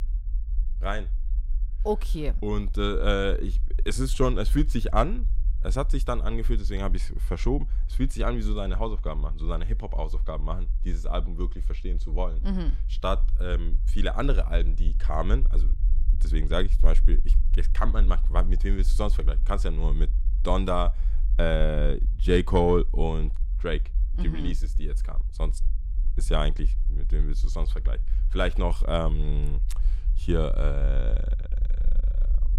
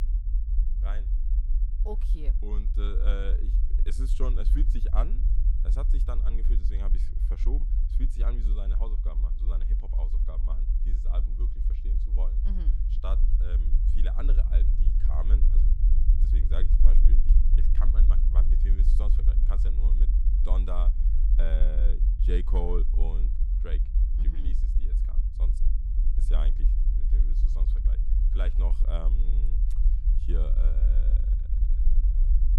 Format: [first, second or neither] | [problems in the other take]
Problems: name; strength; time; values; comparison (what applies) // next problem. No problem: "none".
first | low rumble; loud; throughout; 6 dB below the speech; faint in the first